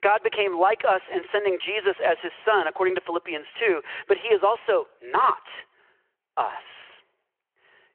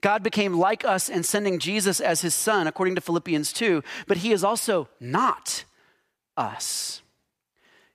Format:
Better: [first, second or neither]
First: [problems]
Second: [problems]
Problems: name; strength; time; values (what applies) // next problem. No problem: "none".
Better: second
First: phone-call audio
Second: none